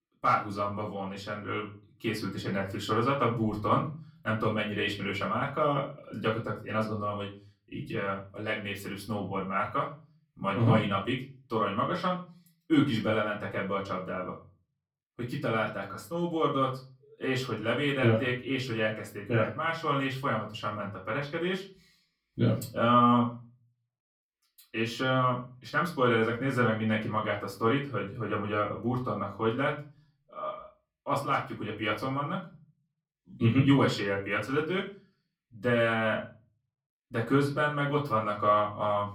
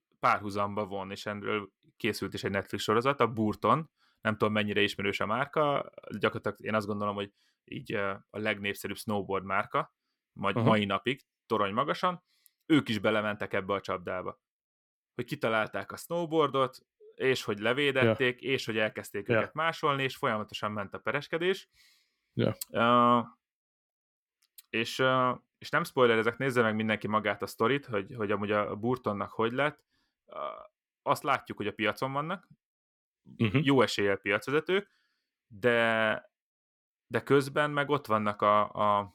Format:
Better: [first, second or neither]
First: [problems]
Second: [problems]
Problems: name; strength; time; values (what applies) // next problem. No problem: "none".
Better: second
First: off-mic speech; far // room echo; slight; dies away in 0.4 s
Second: none